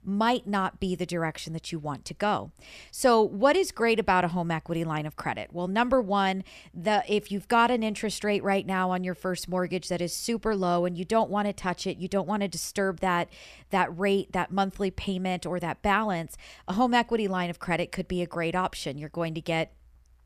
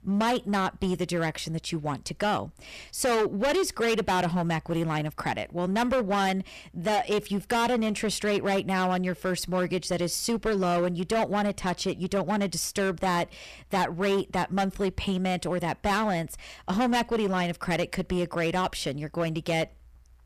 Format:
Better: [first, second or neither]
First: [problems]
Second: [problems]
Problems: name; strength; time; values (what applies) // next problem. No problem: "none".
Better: first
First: none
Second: distortion; heavy; 13% of the sound clipped